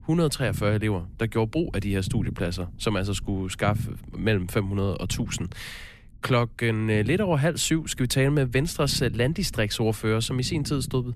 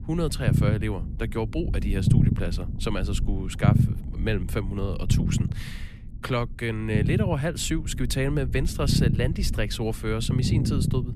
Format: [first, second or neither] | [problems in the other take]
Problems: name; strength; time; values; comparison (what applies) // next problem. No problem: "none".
first | low rumble; loud; throughout; 6 dB below the speech; faint in the first